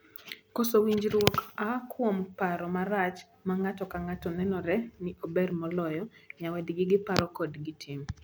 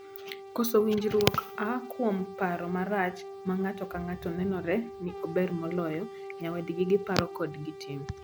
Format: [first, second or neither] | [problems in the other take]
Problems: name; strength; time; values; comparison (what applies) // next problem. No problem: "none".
first | background sound (Brass instrument); 12 dB below the speech